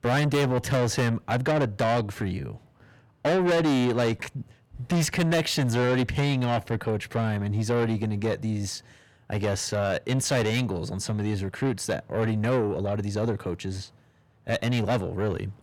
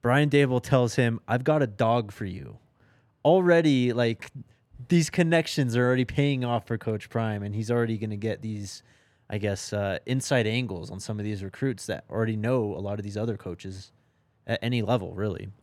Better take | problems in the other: second | distortion; heavy; 6 dB below the speech

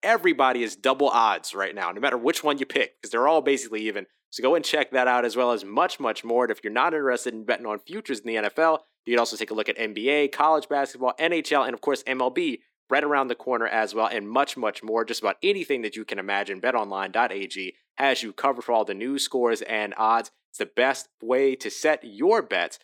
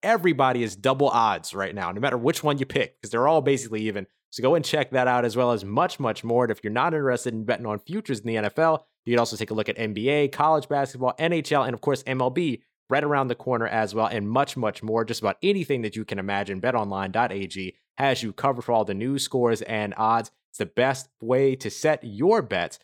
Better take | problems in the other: second | thin; very slightly; fading below 300 Hz

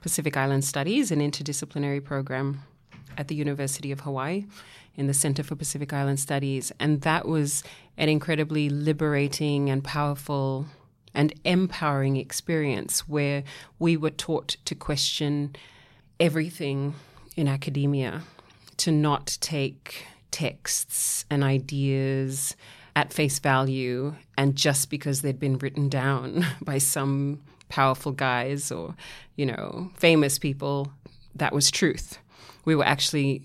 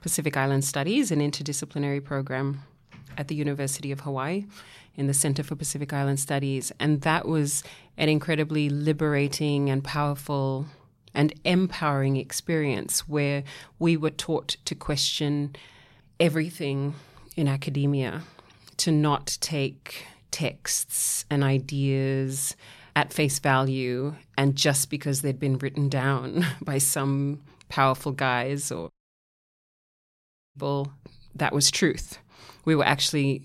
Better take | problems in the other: first | audio cutting out; at 29 s for 1.5 s

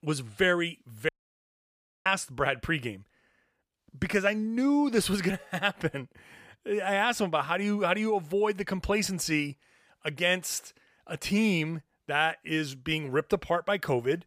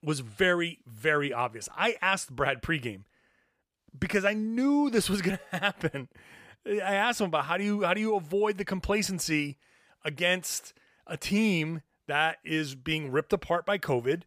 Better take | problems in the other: second | audio cutting out; at 1 s for 1 s

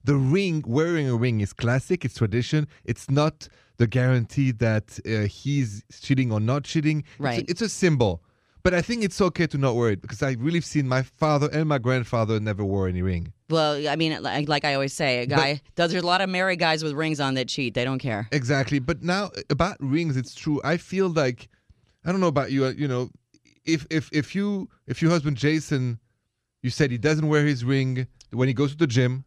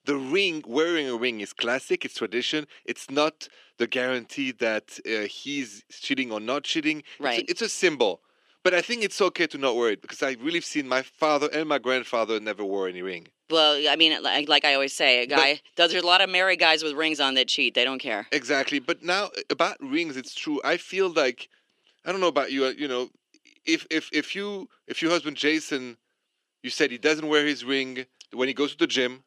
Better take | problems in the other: first | thin; somewhat; fading below 300 Hz

